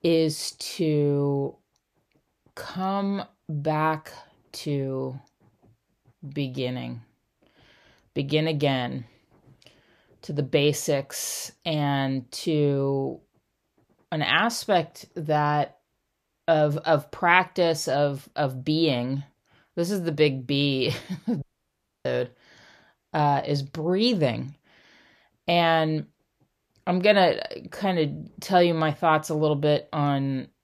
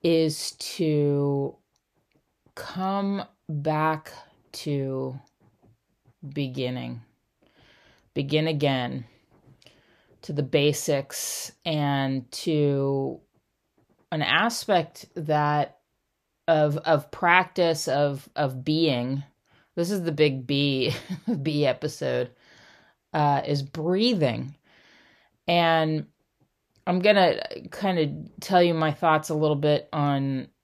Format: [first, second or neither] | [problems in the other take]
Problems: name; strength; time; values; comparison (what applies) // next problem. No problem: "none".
second | audio cutting out; at 21 s for 0.5 s